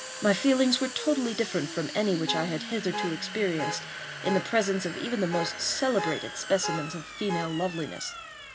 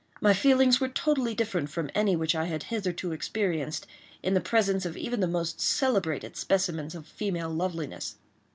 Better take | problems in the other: second | background sound (Alarm / Car + Domestic sounds, home sounds); 8 dB below the speech

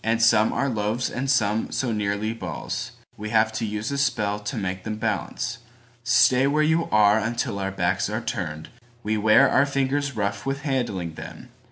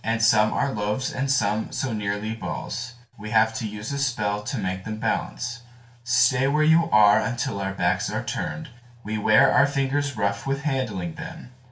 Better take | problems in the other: first | room echo; dies away in 0.2 s

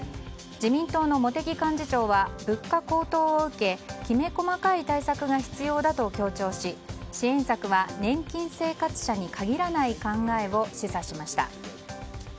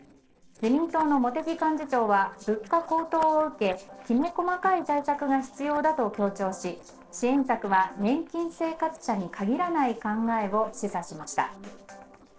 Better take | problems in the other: first | noise reduction (neural separator model SepFormer DNS4)

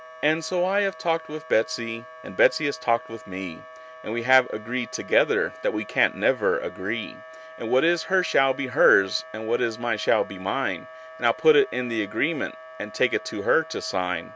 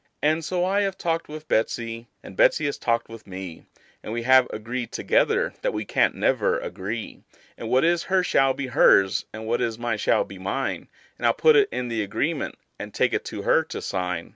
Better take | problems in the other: second | background sound (Wind instrument, woodwind instrument); 17 dB below the speech

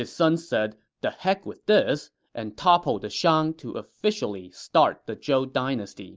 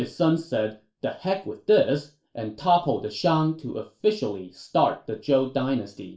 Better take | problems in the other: first | room echo; dies away in 0.3 s

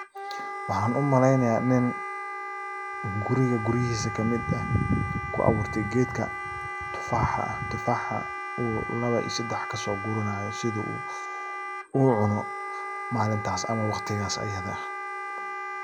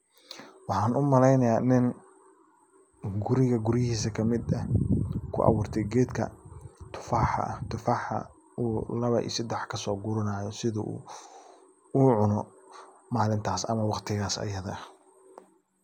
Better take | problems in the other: second | background sound (Wind instrument, woodwind instrument); 6 dB below the speech

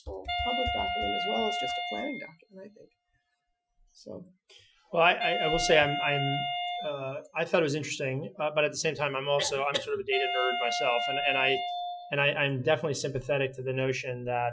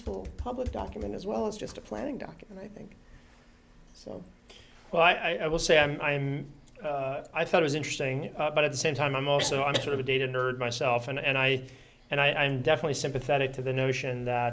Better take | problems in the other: second | noise reduction (classical method Wiener filter)

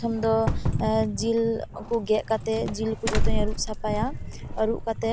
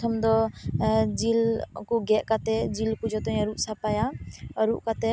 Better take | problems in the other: second | background sound (Doorbell); 2 dB below the speech

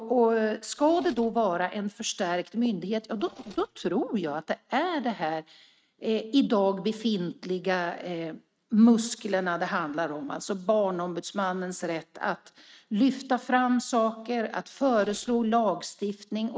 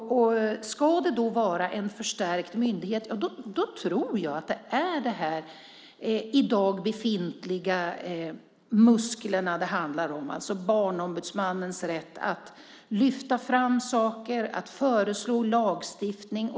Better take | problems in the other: second | noise reduction (neural mask model RNNoise)

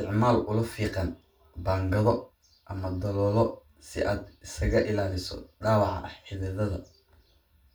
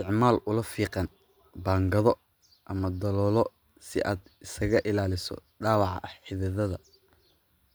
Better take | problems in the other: second | room echo; dies away in 0.2 s

